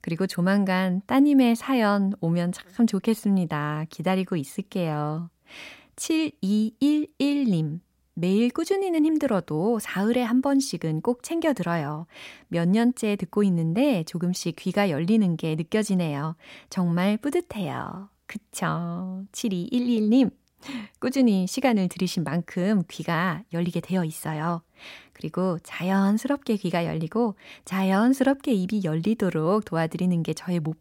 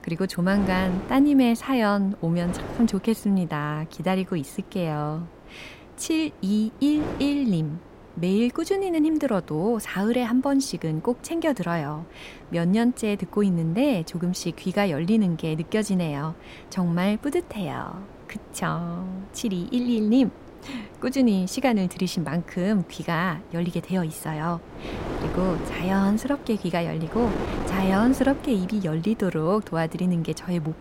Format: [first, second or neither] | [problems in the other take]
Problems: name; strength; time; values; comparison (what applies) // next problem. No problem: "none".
first | wind noise on the microphone; occasional gusts; 15 dB below the speech